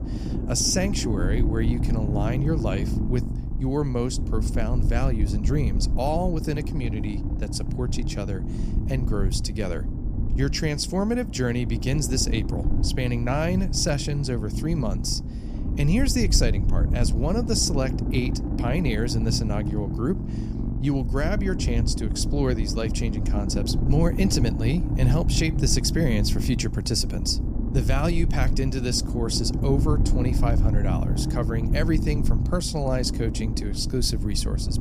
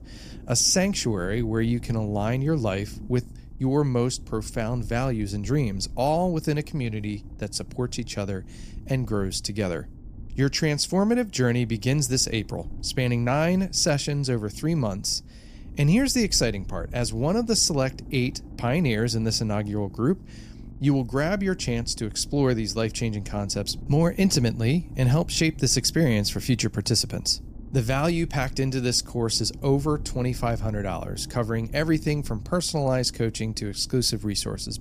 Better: second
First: low rumble; loud; throughout; 8 dB below the speech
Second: low rumble; faint; throughout; 25 dB below the speech

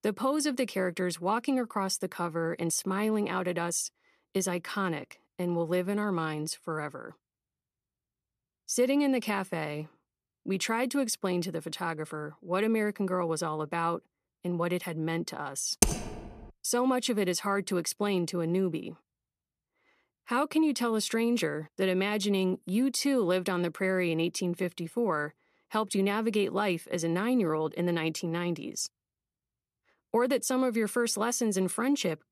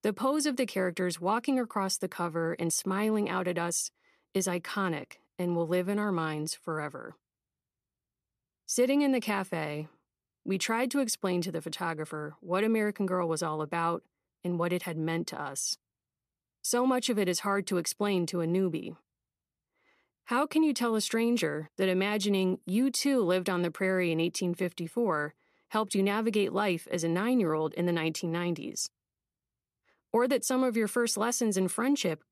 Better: second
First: keyboard typing; loud; at 16 s; peak 4 dB above the speech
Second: none

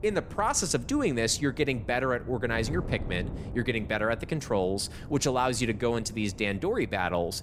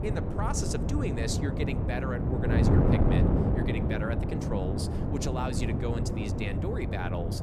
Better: first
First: wind noise on the microphone; occasional gusts; 20 dB below the speech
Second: wind noise on the microphone; heavy; 1 dB above the speech

